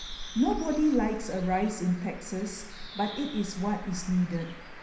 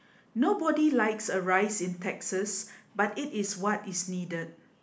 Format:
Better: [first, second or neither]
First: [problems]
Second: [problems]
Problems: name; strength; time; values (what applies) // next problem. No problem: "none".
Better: second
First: background sound (Bird); 11 dB below the speech // room echo; dies away in 0.9 s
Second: none